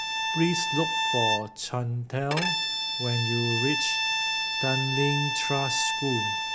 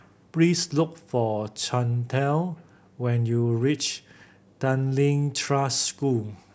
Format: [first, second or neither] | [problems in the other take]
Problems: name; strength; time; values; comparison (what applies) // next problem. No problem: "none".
second | background sound (Bowed string instrument); 1 dB above the speech